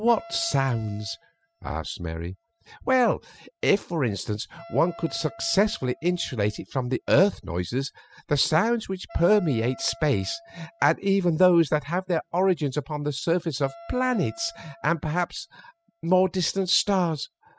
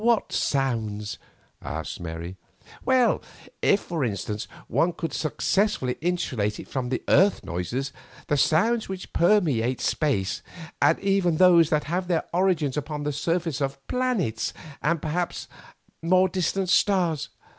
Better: second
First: noise reduction (classical method spectral subtraction)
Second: none

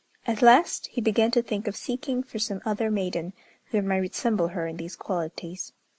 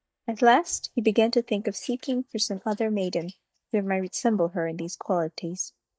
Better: first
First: none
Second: noise reduction (neural mask model DeepFilterNet 3)

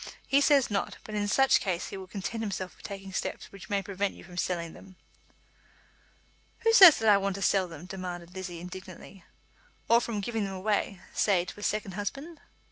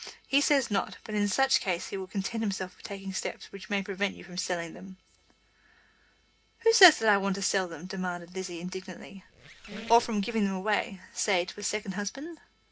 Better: first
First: none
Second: background sound (Squeak); 15 dB below the speech // room echo; dies away in 0.3 s

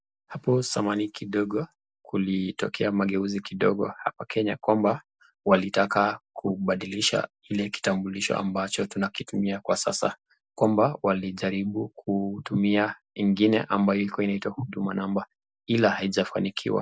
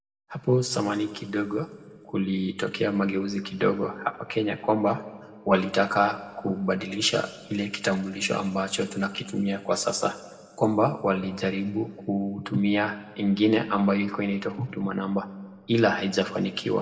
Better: first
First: none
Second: room echo; dies away in 1.3 s

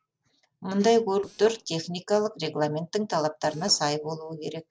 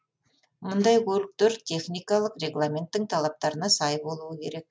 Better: second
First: noise reduction (neural separator model SepFormer DNS4)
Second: none

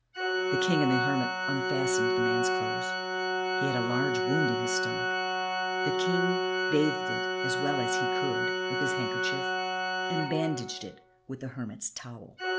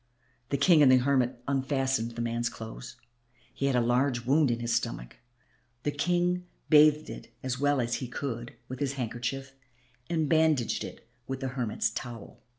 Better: second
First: background sound (Organ); 4 dB above the speech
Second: none

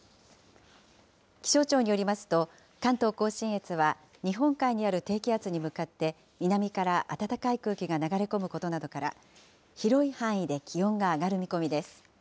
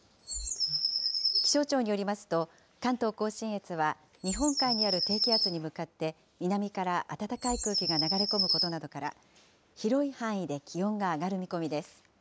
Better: first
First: none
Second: background sound (Bird vocalization, bird call, bird song); 1 dB below the speech

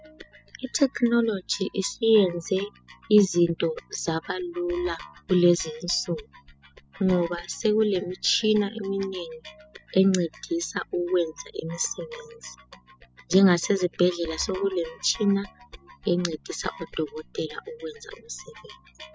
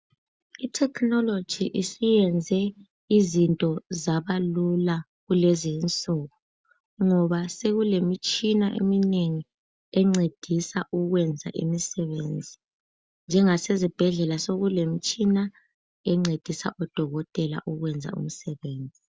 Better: second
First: noise reduction (classical method spectral subtraction)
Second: none

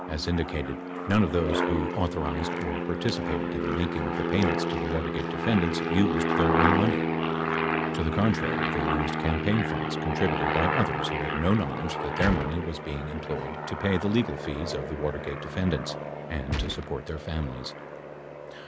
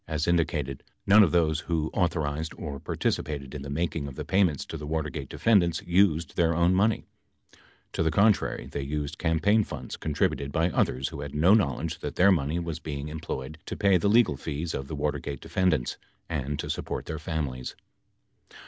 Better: second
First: background sound (Aircraft + Gunshot, gunfire); as loud as the speech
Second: none

